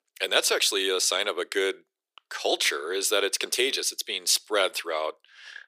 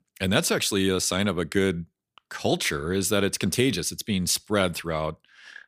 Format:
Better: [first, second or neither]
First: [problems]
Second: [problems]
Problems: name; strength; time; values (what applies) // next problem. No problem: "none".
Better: second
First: thin; very; fading below 350 Hz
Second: none